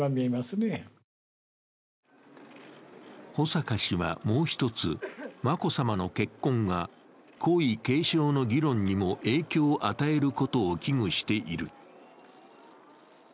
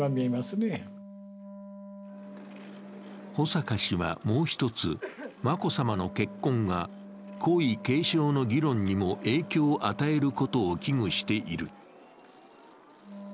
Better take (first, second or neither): first